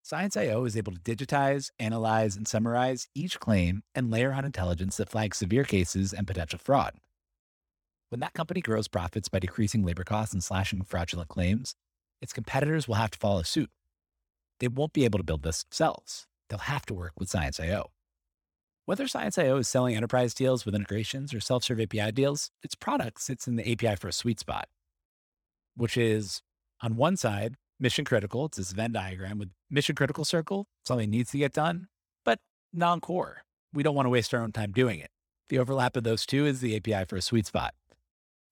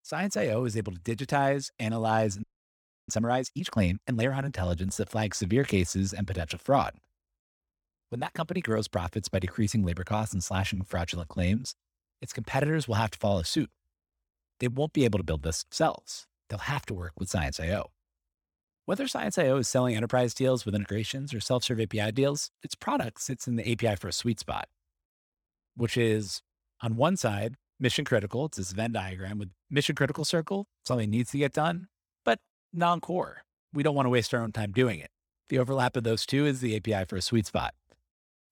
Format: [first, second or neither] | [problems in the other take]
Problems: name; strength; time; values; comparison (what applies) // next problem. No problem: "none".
first | audio freezing; at 2.5 s for 0.5 s